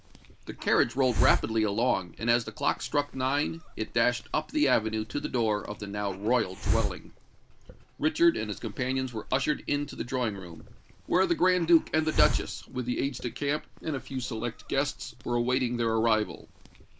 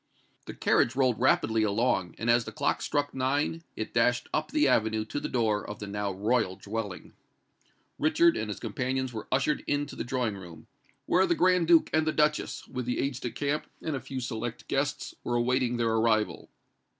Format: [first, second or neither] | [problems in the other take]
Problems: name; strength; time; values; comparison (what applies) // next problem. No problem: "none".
second | background sound (Hiss); 8 dB below the speech